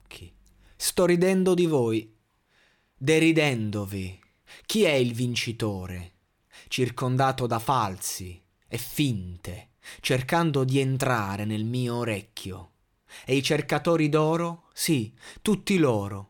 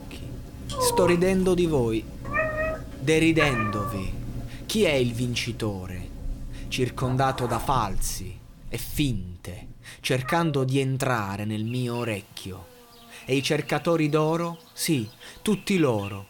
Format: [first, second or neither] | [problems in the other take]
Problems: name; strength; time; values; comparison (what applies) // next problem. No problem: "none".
first | animal sounds; loud; throughout; 8 dB below the speech